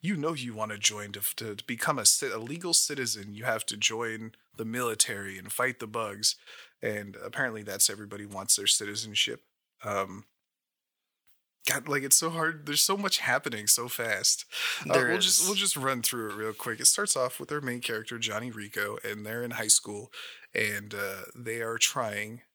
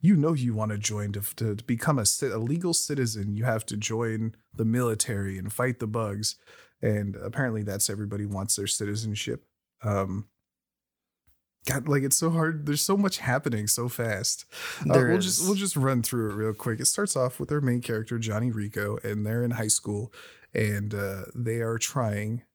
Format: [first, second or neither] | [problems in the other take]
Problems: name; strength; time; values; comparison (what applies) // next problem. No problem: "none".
second | thin; somewhat; fading below 850 Hz